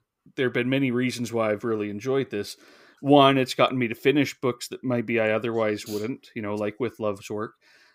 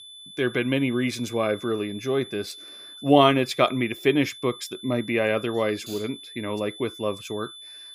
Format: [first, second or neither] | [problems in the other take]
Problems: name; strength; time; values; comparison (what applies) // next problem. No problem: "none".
first | high-pitched whine; noticeable; throughout; 3.5 kHz, 15 dB below the speech